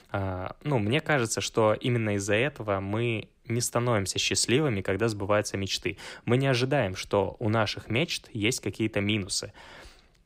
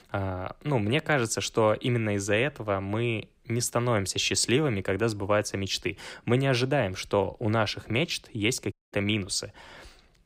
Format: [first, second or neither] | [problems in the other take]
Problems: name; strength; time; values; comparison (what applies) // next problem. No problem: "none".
first | audio cutting out; at 8.5 s